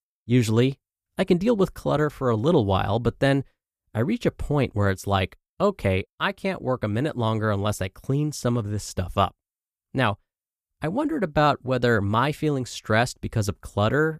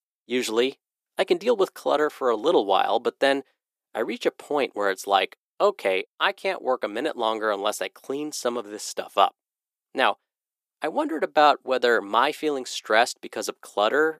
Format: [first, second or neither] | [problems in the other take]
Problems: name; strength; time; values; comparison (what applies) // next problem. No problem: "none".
first | thin; very; fading below 350 Hz